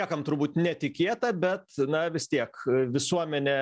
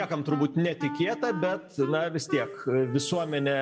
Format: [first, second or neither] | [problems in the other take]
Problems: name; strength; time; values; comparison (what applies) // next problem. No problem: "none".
first | background sound (Wind instrument, woodwind instrument); 12 dB below the speech // room echo; dies away in 1.1 s